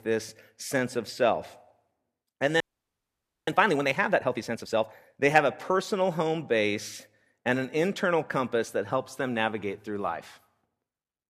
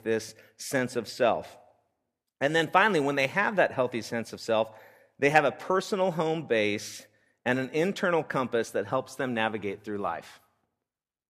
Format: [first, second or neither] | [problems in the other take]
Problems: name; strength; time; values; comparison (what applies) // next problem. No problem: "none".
second | audio freezing; at 2.5 s for 1 s